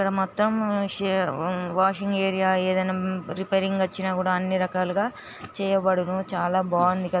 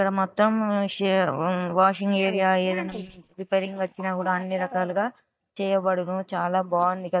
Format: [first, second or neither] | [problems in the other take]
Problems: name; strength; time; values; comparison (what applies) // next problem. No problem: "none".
first | noise reduction (neural mask model DeepFilterNet 3)